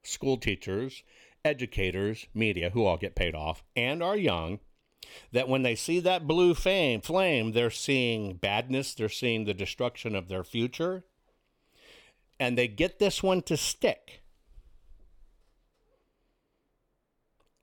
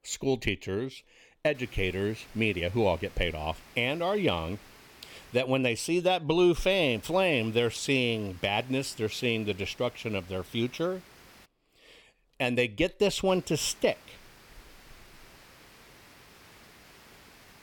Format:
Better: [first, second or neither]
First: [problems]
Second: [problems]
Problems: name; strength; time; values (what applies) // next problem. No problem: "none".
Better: first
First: none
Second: hiss; faint; from 1.5 to 5.5 s, from 6.5 to 11 s and from 13 s on; 25 dB below the speech